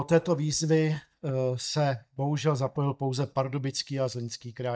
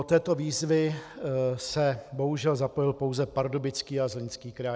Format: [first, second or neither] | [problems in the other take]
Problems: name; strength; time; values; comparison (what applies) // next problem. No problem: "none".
second | noise reduction (neural mask model DeepFilterNet 3)